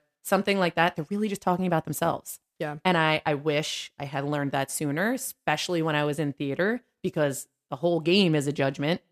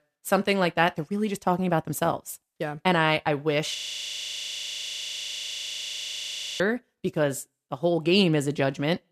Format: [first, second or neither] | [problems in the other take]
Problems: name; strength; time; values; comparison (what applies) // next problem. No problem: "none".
first | audio freezing; at 4 s for 3 s